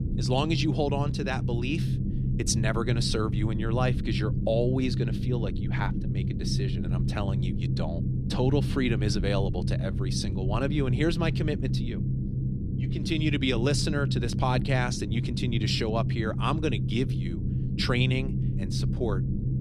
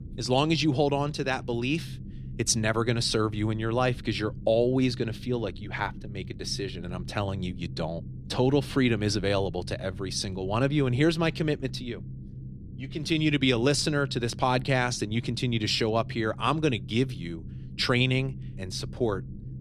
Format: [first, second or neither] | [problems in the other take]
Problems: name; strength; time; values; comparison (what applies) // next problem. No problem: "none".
second | low rumble; loud; throughout; 8 dB below the speech; faint in the second